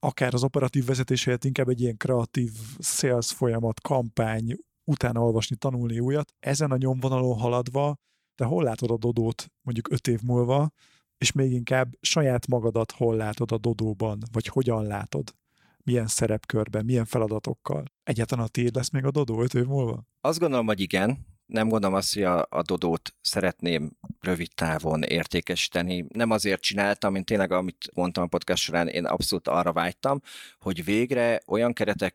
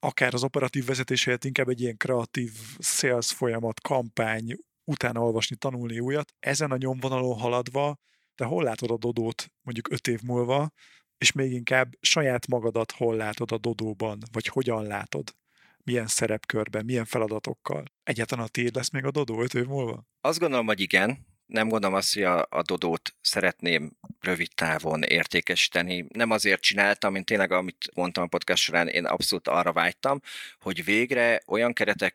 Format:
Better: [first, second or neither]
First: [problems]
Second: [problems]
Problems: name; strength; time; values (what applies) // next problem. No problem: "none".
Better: first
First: none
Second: thin; very slightly; fading below 500 Hz